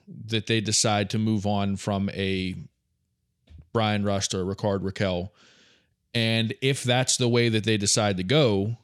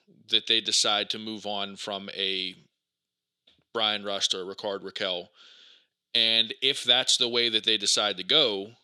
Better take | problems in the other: first | thin; somewhat; fading below 400 Hz

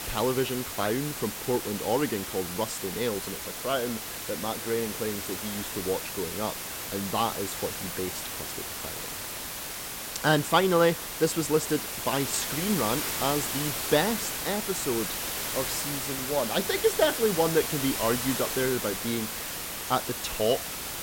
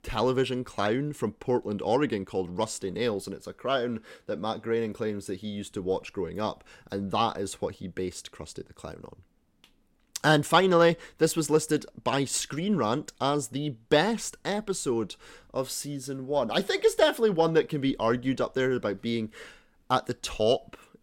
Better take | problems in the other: second | hiss; loud; throughout; 3 dB below the speech

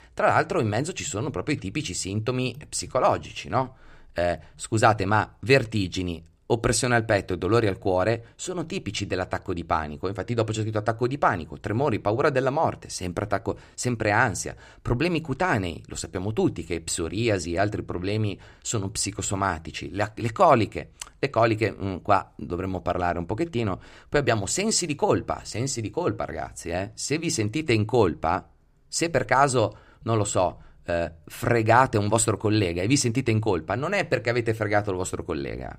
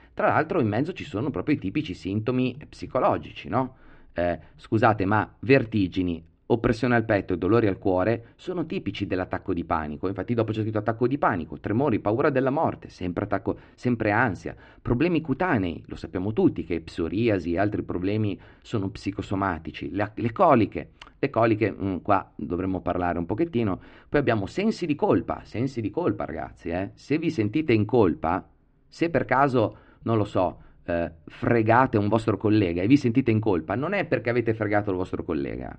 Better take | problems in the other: first | muffled; very; fading above 3 kHz

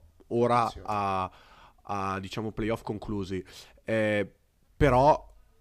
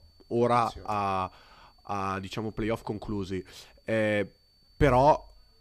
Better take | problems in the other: first | high-pitched whine; faint; throughout; 4.5 kHz, 35 dB below the speech

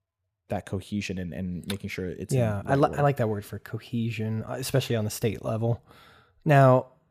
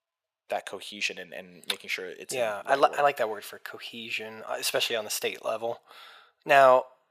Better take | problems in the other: first | thin; very; fading below 700 Hz

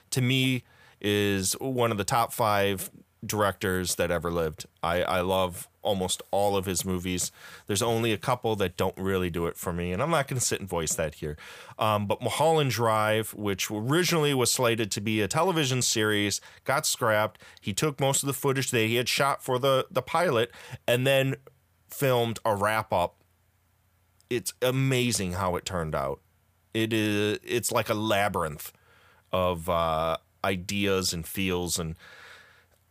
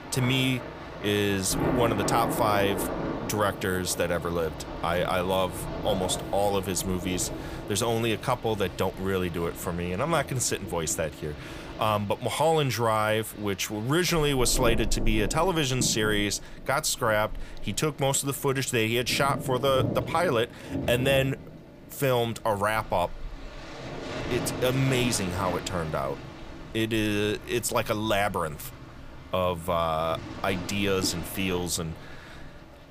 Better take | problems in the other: first | rain or running water; loud; throughout; 9 dB below the speech

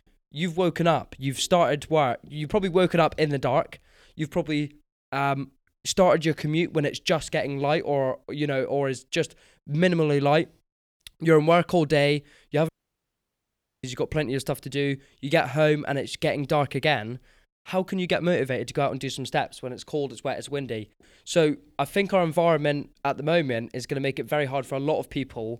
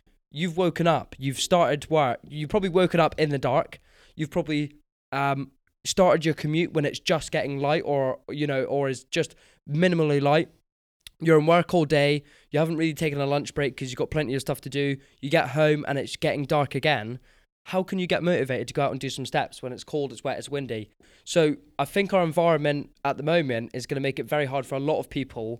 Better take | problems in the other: second | audio cutting out; at 13 s for 1 s

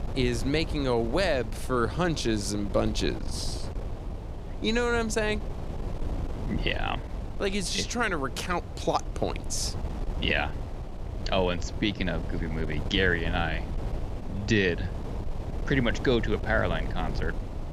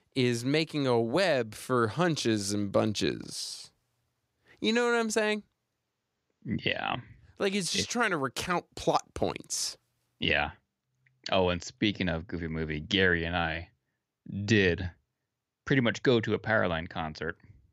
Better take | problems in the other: second | wind noise on the microphone; occasional gusts; 15 dB below the speech

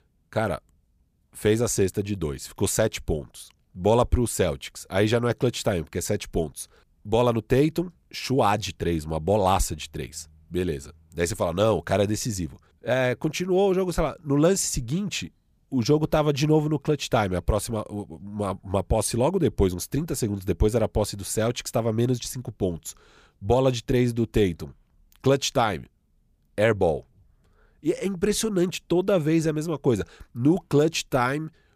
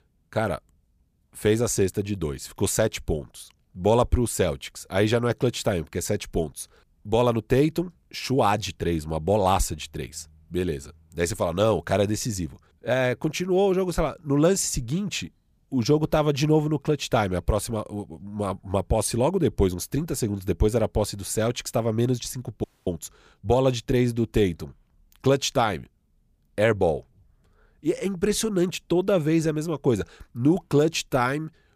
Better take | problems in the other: first | audio freezing; at 23 s

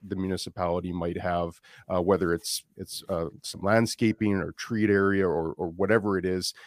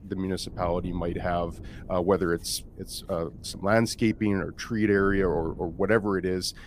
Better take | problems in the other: first | wind noise on the microphone; occasional gusts; 25 dB below the speech

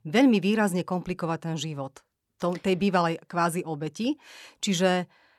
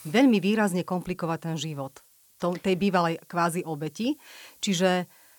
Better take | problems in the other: first | hiss; faint; throughout; 30 dB below the speech

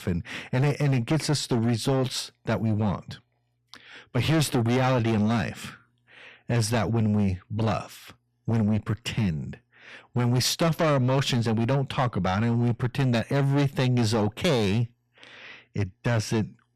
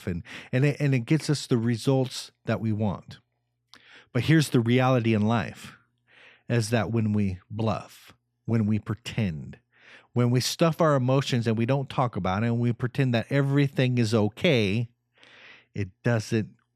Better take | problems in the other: second | distortion; heavy; 7 dB below the speech

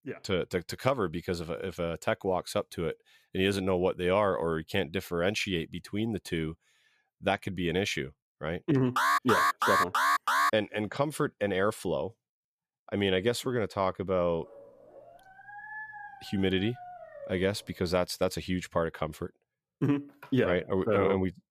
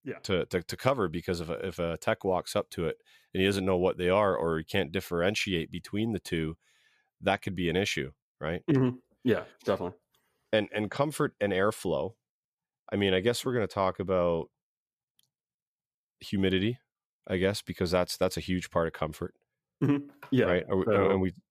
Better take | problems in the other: second | alarm; loud; from 9 to 11 s; peak 5 dB above the speech // dog barking; faint; from 14 to 18 s; peak 10 dB below the speech

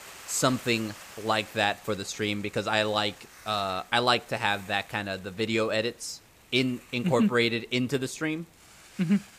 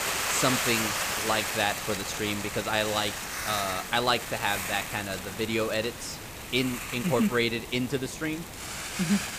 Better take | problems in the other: first | hiss; loud; throughout; 3 dB below the speech; faint in the first

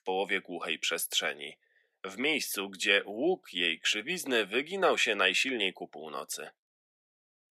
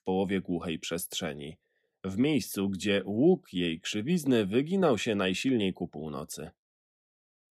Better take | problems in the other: second | thin; very; fading below 550 Hz

